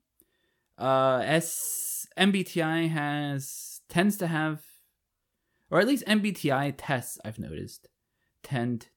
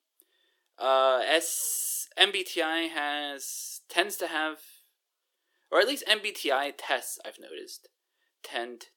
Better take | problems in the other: first | thin; very; fading below 350 Hz

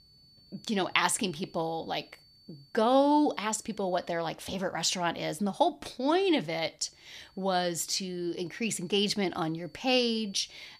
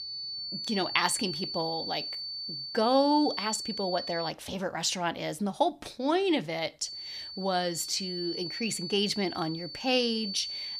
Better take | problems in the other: first | high-pitched whine; loud; until 4.5 s and from 7 s on; 4.5 kHz, 5 dB below the speech; faint in the first

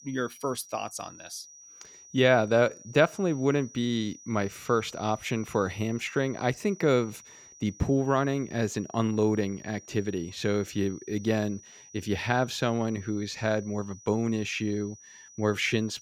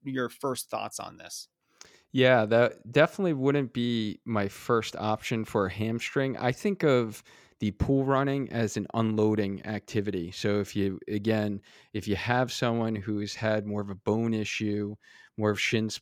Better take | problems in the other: second | high-pitched whine; faint; throughout; 6 kHz, 20 dB below the speech

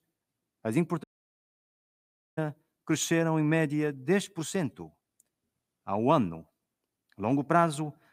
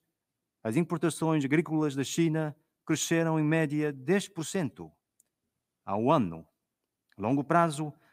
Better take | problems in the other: second | audio cutting out; at 1 s for 1.5 s

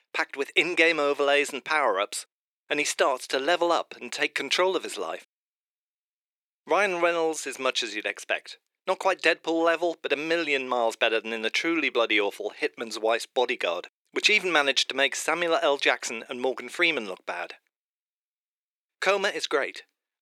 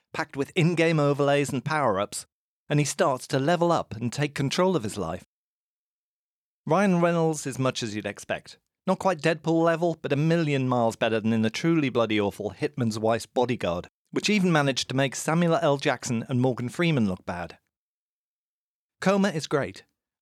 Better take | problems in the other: second | thin; very; fading below 350 Hz

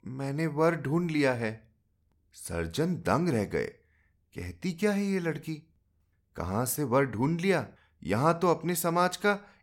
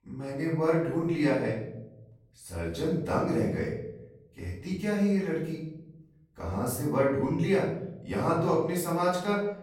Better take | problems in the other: first | room echo; noticeable; dies away in 0.9 s // off-mic speech; far

